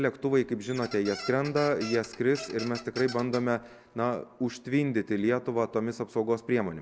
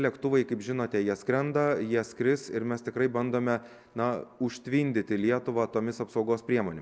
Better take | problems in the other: second | background sound (Squeak); 14 dB below the speech

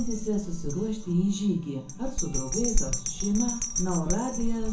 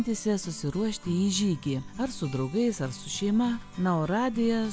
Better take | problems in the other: second | background sound (Bell); 1 dB below the speech // room echo; dies away in 0.5 s

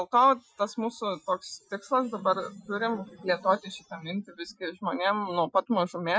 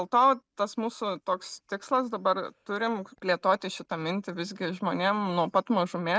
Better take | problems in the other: second | noise reduction (classical method Wiener filter)

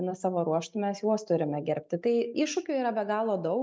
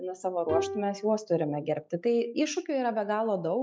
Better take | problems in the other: first | noise reduction (classical method log-MMSE)

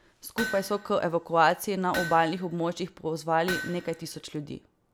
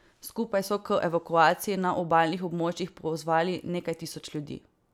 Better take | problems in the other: second | background sound (Hammer); 12 dB below the speech

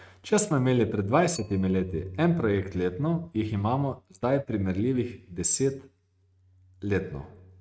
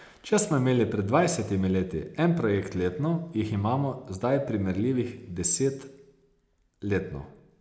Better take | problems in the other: second | noise reduction (neural mask model RNNoise)

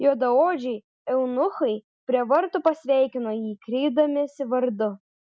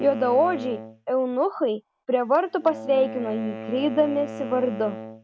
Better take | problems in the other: first | background sound (Wind instrument, woodwind instrument); 13 dB below the speech

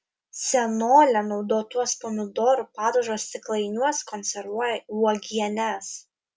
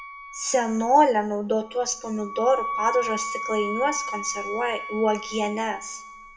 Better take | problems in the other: first | background sound (Wind instrument, woodwind instrument); 9 dB below the speech // room echo; dies away in 0.6 s

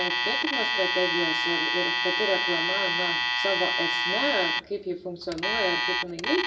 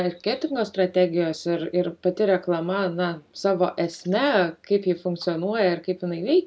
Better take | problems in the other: second | background sound (Alarm); 4 dB above the speech // room echo; dies away in 0.5 s

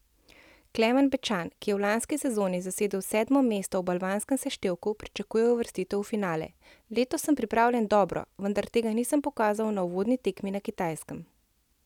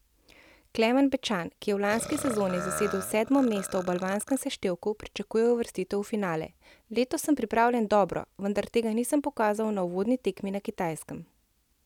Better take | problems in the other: first | background sound (Burping, eructation); 11 dB below the speech

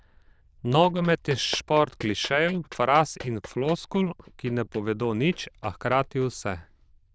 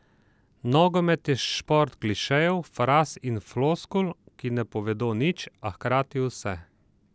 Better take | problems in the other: second | noise reduction (neural diffusion model UNIVERSE++)

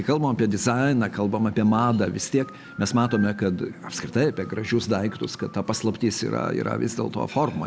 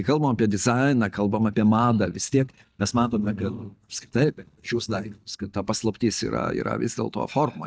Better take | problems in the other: first | noise reduction (neural mask model DeepFilterNet 3)

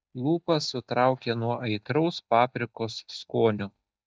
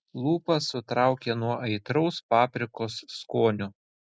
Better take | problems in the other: second | noise reduction (neural mask model DeepFilterNet 3)

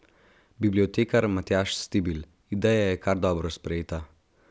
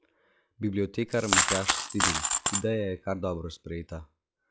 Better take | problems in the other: first | noise reduction (classical method log-MMSE)

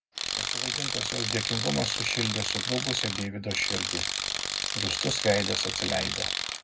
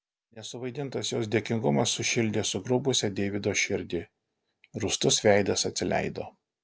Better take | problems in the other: second | background sound (Tools); 2 dB above the speech // room echo; dies away in 0.3 s

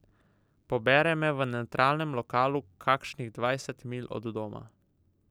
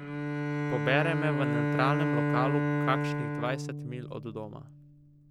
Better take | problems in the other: first | background sound (Bowed string instrument); 3 dB above the speech

